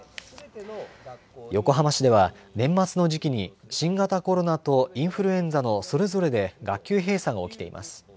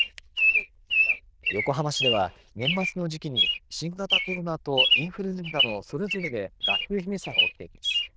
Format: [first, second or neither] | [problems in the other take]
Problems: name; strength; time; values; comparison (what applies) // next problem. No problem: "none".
first | noise reduction (neural diffusion model UNIVERSE++)